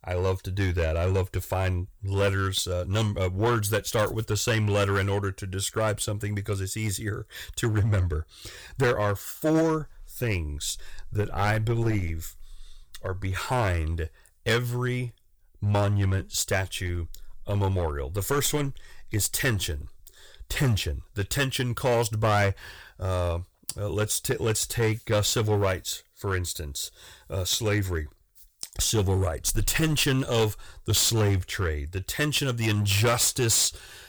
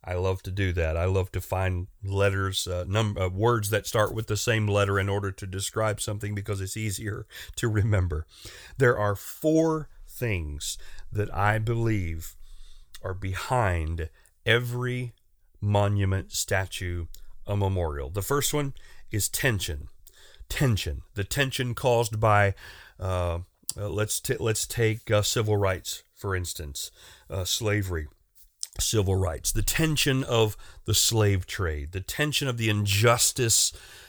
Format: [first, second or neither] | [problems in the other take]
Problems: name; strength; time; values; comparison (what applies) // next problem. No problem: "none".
second | distortion; slight; 6% of the sound clipped